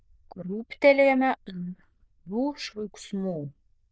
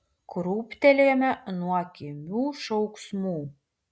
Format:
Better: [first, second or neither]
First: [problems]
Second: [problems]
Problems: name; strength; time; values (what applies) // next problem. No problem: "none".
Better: second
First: noise reduction (neural diffusion model UNIVERSE++)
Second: none